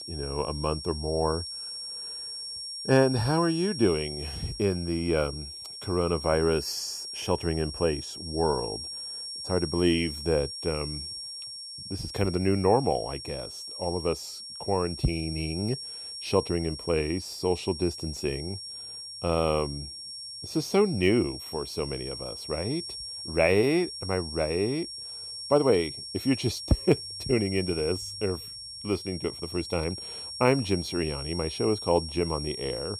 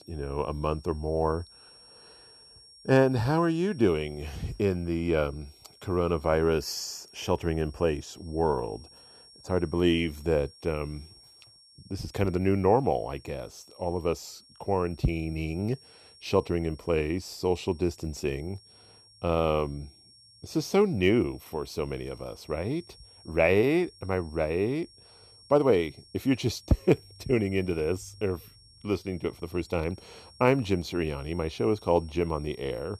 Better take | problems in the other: second | high-pitched whine; loud; throughout; 5.5 kHz, 8 dB below the speech; faint in the second

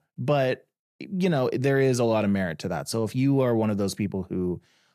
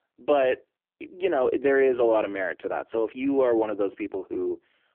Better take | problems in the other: first | phone-call audio; poor line

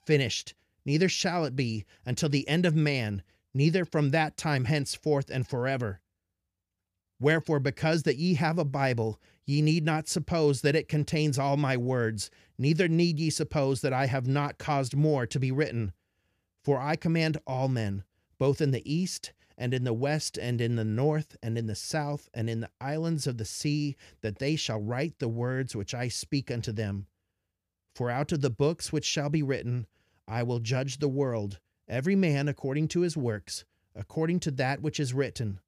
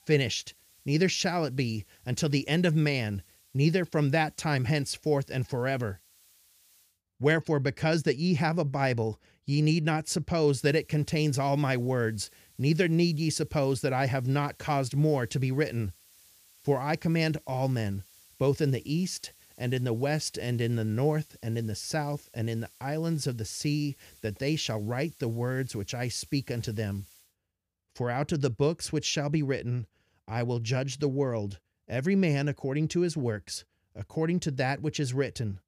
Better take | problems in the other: first | hiss; faint; until 7 s and from 11 to 27 s; 25 dB below the speech

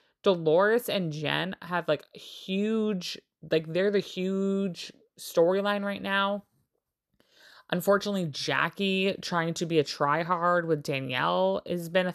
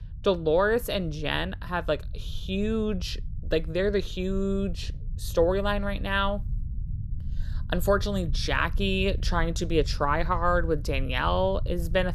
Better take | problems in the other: first | low rumble; faint; throughout; 25 dB below the speech

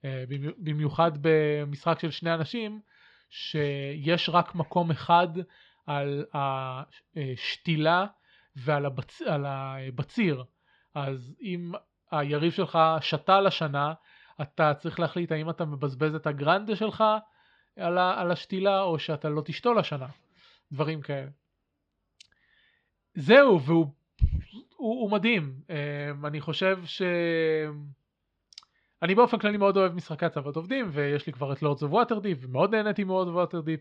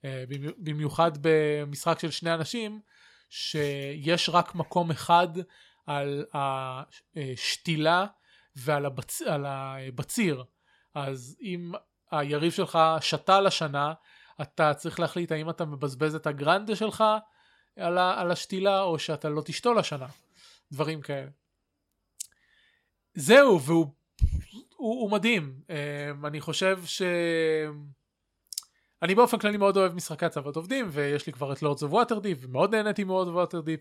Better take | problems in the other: second | muffled; very slightly; fading above 4 kHz

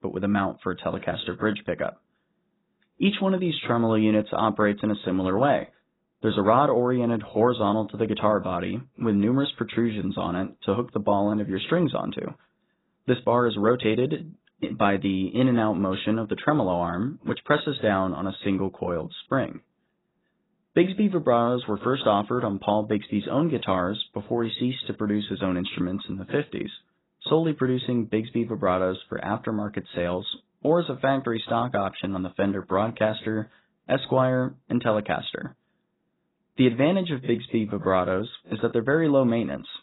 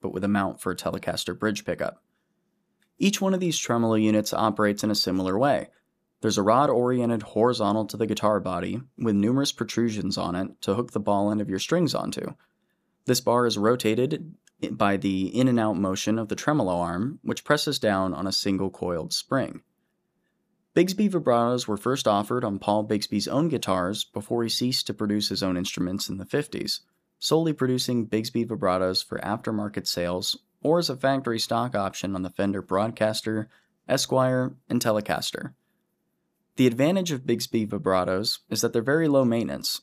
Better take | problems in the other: second | garbled, watery; badly; nothing above 4 kHz

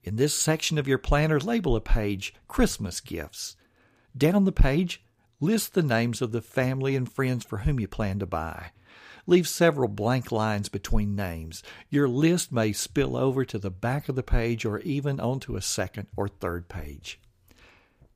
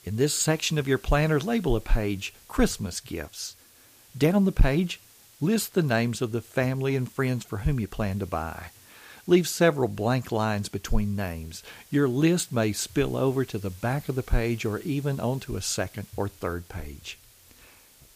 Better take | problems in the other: first | hiss; faint; throughout; 25 dB below the speech

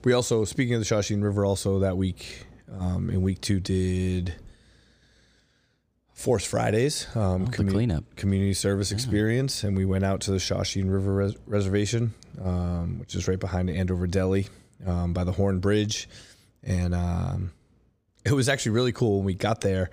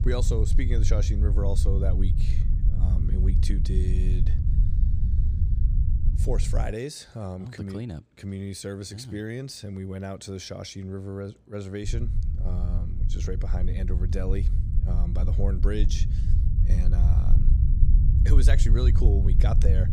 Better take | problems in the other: first | low rumble; loud; until 6.5 s and from 12 s on; 5 dB below the speech

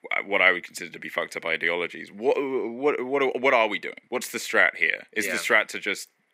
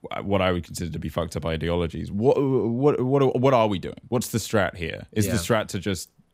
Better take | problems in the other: second | thin; somewhat; fading below 300 Hz

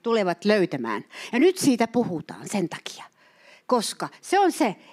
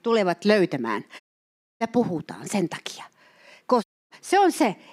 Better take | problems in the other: first | audio cutting out; at 1 s for 0.5 s and at 4 s

